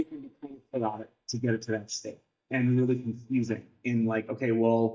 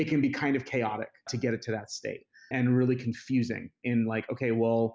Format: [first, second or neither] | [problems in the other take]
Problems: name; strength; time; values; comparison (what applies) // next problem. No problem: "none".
second | noise reduction (neural mask model DeepFilterNet 3)